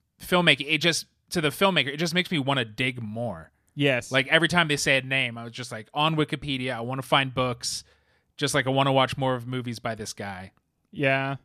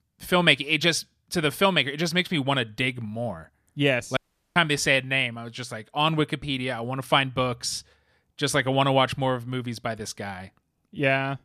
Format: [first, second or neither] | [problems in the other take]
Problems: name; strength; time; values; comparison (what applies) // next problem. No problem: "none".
first | audio cutting out; at 4 s